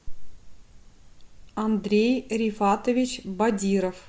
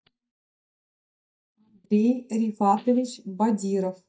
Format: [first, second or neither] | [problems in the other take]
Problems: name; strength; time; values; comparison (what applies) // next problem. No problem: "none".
first | noise reduction (neural mask model DeepFilterNet 3)